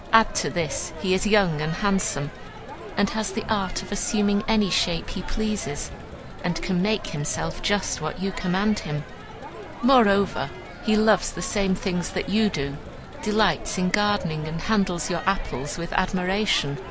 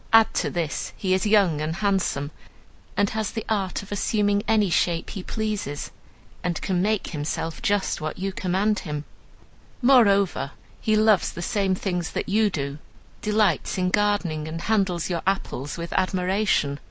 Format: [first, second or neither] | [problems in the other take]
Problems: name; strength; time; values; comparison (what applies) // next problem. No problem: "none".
second | background sound (Crowd); 13 dB below the speech